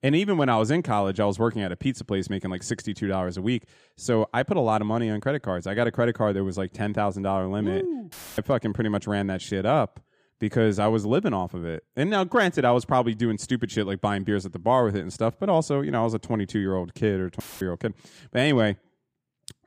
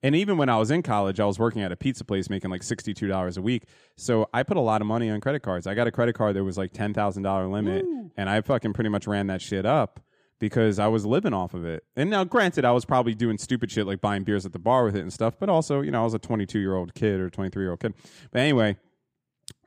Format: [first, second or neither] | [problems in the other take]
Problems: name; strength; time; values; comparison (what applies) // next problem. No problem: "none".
second | audio cutting out; filled with static; at 8 s and at 17 s